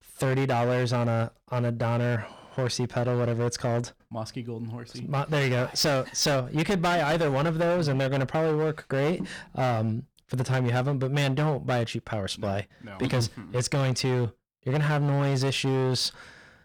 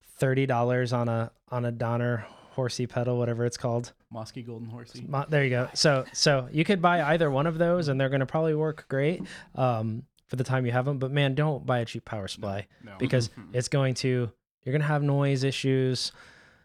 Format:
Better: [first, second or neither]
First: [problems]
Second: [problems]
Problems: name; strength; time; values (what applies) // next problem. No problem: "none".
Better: second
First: distortion; heavy; 17% of the sound clipped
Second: none